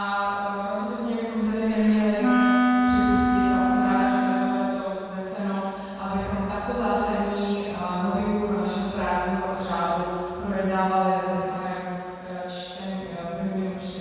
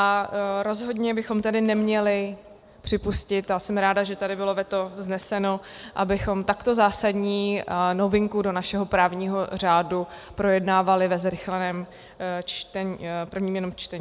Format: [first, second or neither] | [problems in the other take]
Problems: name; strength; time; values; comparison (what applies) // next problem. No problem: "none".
second | background sound (Wind instrument, woodwind instrument); 4 dB above the speech // room echo; dies away in 2.1 s